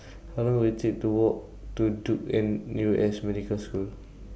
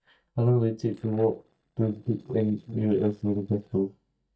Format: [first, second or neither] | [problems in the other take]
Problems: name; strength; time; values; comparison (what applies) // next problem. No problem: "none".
first | noise reduction (neural mask model DeepFilterNet 3)